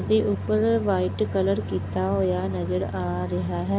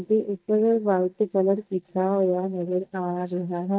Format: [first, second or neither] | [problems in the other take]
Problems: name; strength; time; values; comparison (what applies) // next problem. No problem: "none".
first | noise reduction (neural mask model DeepFilterNet 3)